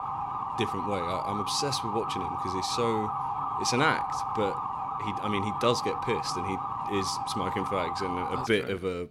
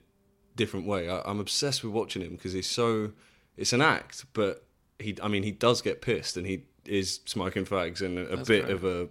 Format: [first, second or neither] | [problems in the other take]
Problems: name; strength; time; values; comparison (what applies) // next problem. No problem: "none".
second | siren; loud; until 8.5 s; peak level with the speech